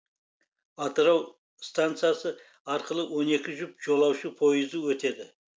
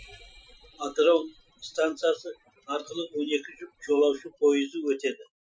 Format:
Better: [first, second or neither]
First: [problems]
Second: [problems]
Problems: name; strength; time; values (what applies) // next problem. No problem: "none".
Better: first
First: none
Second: noise reduction (classical method Wiener filter)